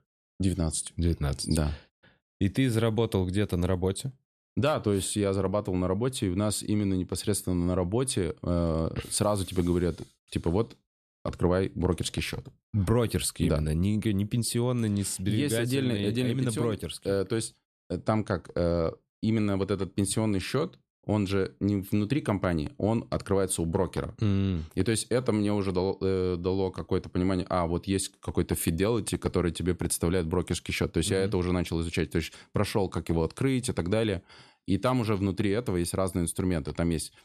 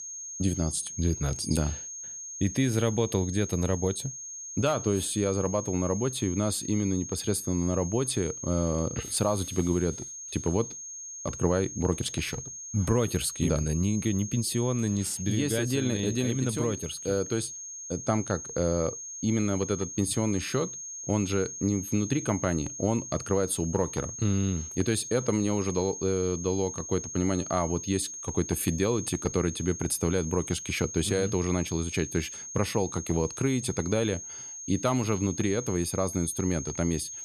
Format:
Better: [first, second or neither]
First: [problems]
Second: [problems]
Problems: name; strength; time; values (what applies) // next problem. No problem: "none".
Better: first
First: none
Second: high-pitched whine; loud; throughout; 6.5 kHz, 8 dB below the speech